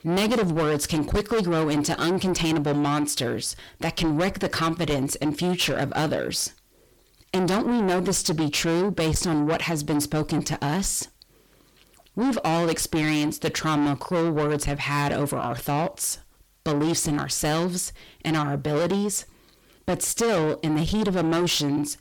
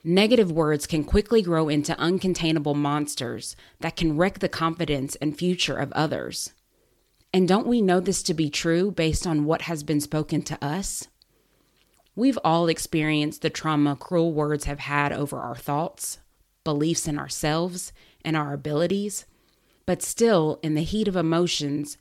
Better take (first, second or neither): second